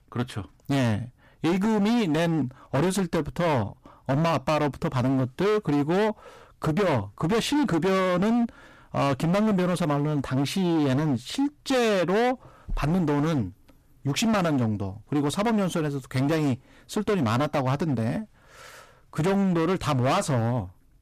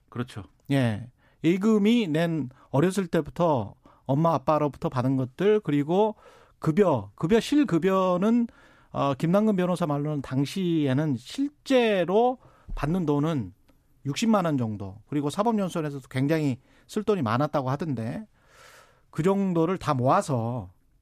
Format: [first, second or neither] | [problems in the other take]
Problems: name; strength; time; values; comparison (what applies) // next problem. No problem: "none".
second | distortion; heavy; 23% of the sound clipped